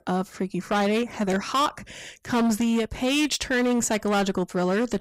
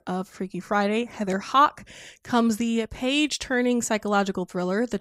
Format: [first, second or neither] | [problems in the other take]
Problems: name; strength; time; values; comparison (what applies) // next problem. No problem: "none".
second | distortion; heavy; 16% of the sound clipped